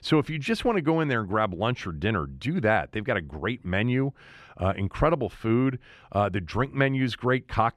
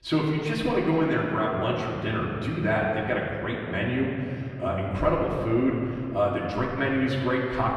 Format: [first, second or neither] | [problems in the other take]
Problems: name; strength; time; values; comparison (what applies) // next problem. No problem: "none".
first | off-mic speech; far // room echo; noticeable; dies away in 2.3 s